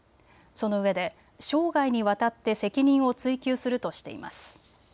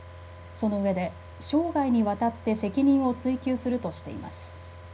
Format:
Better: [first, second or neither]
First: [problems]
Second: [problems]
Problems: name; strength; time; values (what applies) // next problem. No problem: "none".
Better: first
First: none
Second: background sound (Car); 17 dB below the speech // room echo; dies away in 0.4 s